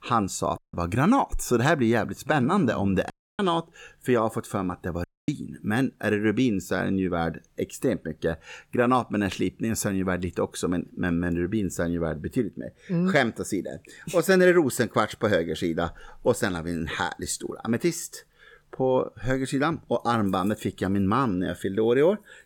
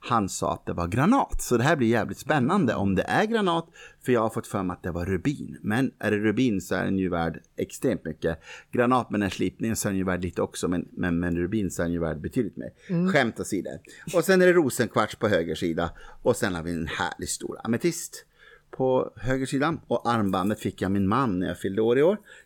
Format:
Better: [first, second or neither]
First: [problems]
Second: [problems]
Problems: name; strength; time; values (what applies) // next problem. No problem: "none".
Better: second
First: audio cutting out; at 0.5 s, at 3 s and at 5 s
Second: none